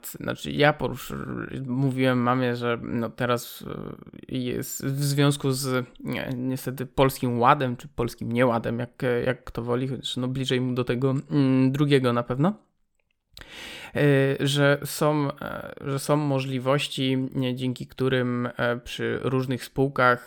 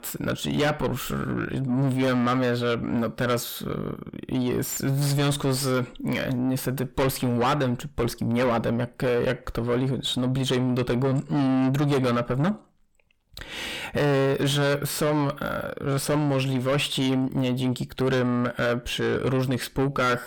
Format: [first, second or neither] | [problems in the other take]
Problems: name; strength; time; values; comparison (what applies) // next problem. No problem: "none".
first | distortion; heavy; 5 dB below the speech